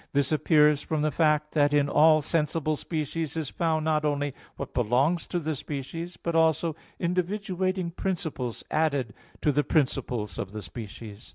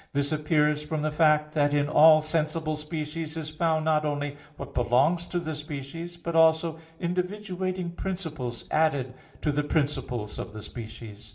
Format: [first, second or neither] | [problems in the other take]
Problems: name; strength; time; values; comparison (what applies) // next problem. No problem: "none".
first | room echo; dies away in 0.7 s